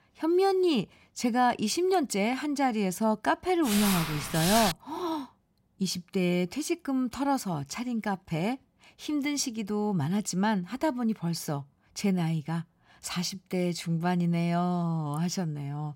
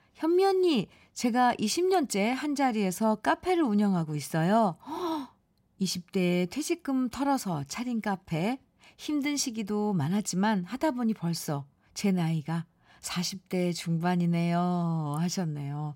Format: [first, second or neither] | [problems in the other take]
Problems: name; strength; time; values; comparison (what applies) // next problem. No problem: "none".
second | footsteps; loud; from 3.5 to 4.5 s; peak 1 dB above the speech